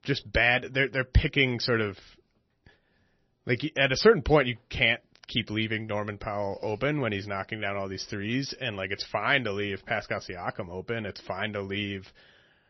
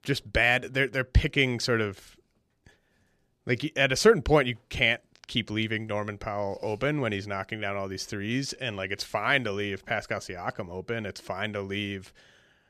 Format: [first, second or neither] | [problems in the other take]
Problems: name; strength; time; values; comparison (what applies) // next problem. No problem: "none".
second | garbled, watery; slightly; nothing above 6 kHz